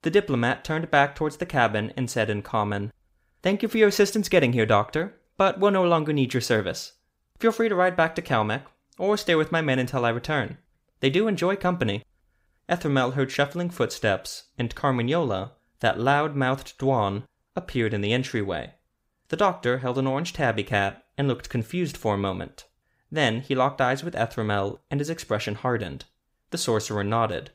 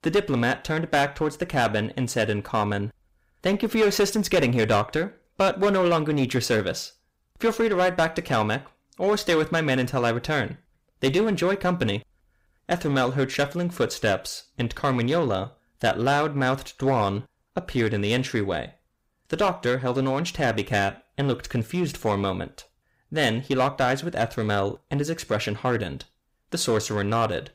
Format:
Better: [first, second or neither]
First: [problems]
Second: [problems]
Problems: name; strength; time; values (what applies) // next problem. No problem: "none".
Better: first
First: none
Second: distortion; slight; 6% of the sound clipped